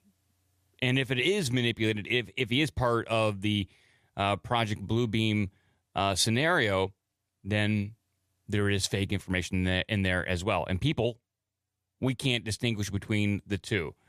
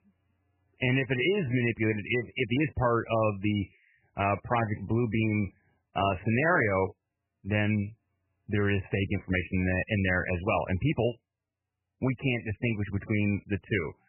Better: first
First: none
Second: garbled, watery; badly; nothing above 3 kHz

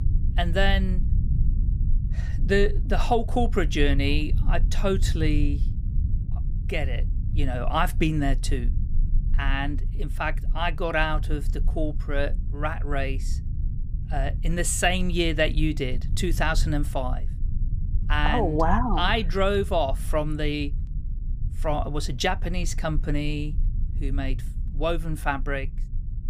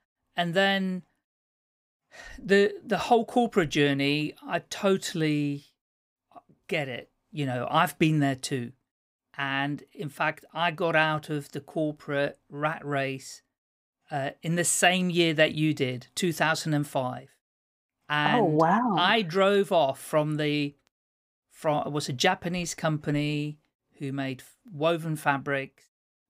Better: second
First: low rumble; noticeable; throughout; 20 dB below the speech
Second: none

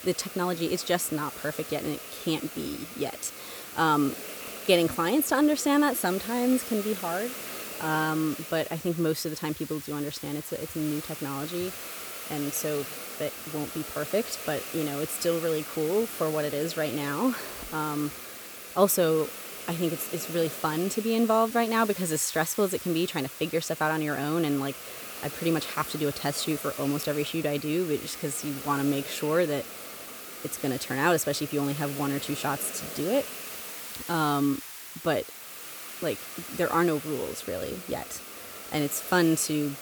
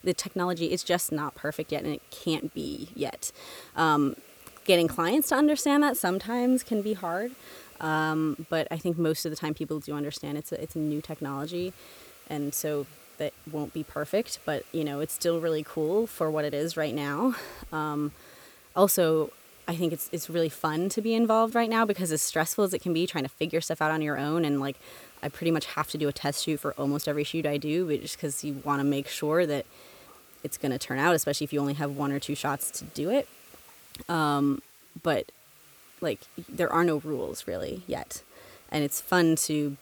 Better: second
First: hiss; loud; throughout; 9 dB below the speech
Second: hiss; faint; throughout; 25 dB below the speech

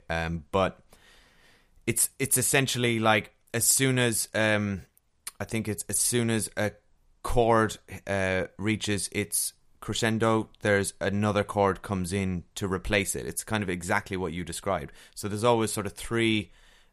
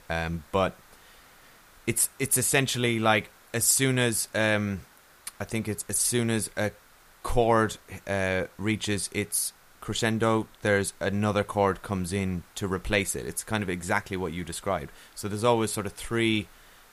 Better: first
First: none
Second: hiss; faint; throughout; 30 dB below the speech

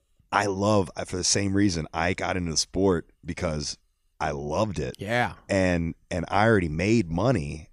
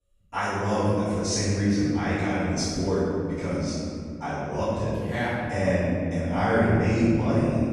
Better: first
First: none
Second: off-mic speech; far // room echo; strong; dies away in 3 s

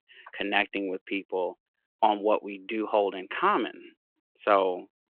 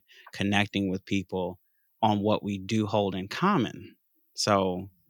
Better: second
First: phone-call audio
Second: none

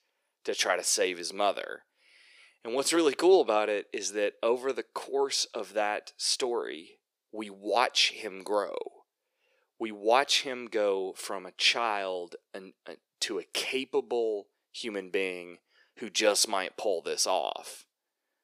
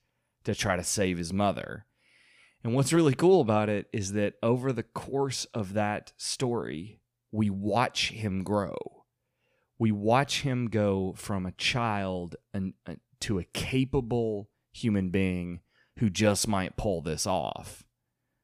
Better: second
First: thin; very; fading below 400 Hz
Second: none

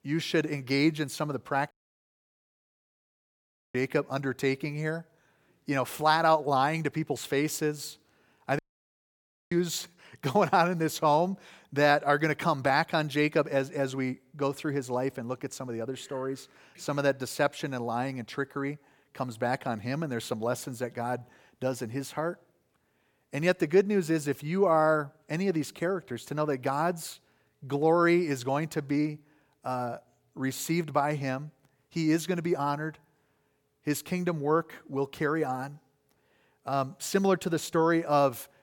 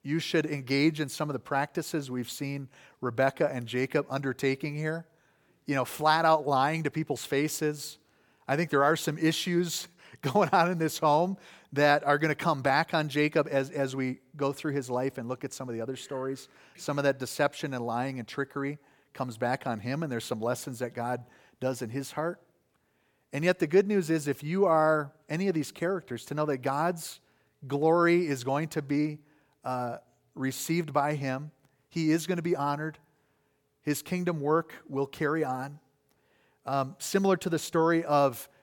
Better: second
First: audio cutting out; at 1.5 s for 2 s and at 8.5 s for 1 s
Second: none

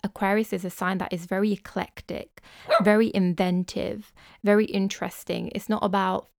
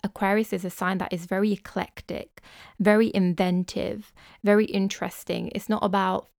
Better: second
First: dog barking; loud; at 2.5 s; peak 1 dB above the speech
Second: none

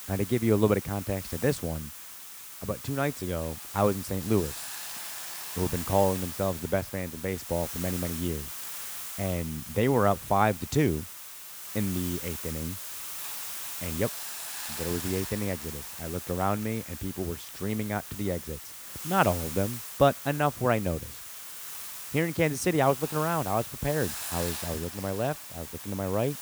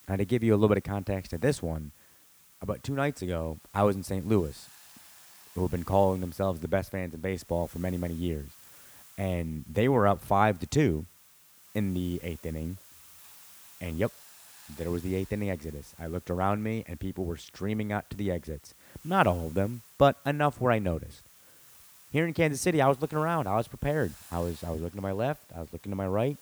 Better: second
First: hiss; loud; throughout; 7 dB below the speech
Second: hiss; faint; throughout; 20 dB below the speech

